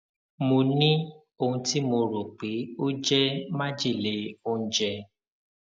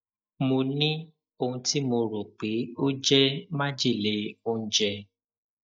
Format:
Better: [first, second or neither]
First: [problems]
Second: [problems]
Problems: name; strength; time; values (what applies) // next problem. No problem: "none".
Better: first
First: none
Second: noise reduction (neural mask model DeepFilterNet 3)